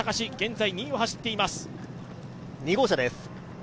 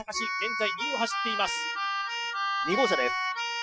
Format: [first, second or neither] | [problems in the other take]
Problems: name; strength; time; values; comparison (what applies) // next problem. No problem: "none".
first | noise reduction (classical method Wiener filter)